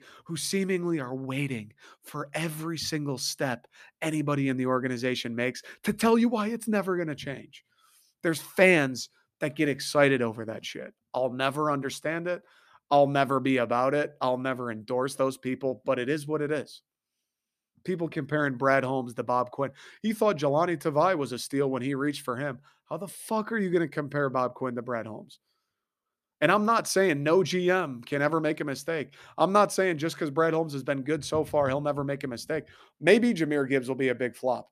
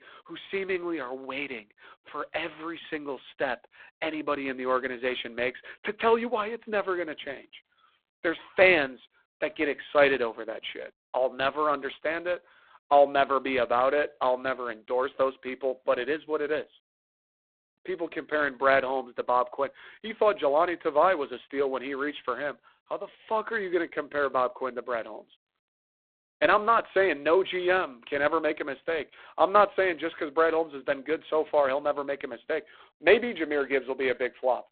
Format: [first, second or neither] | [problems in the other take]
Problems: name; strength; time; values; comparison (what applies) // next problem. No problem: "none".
first | phone-call audio; poor line; nothing above 4 kHz